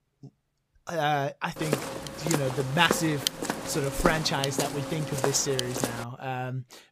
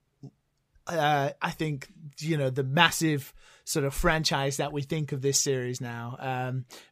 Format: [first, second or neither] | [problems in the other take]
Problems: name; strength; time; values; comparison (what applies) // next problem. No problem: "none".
second | footsteps; loud; from 1.5 to 6 s; peak level with the speech